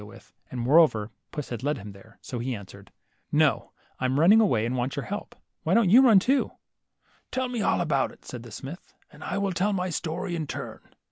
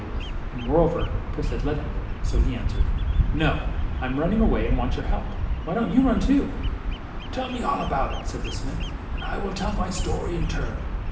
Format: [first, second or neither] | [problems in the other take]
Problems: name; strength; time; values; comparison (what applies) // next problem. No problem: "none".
first | background sound (Bird vocalization, bird call, bird song); 2 dB above the speech // room echo; dies away in 0.9 s